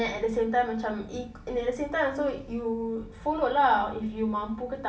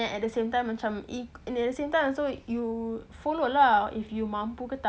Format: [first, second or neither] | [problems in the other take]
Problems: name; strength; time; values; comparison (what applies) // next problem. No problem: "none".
second | room echo; dies away in 0.3 s